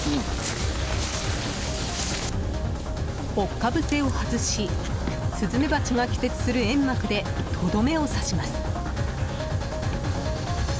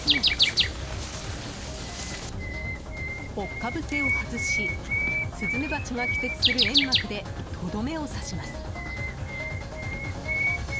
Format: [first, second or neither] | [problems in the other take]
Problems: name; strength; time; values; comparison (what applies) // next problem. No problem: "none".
first | background sound (Bird); 3 dB above the speech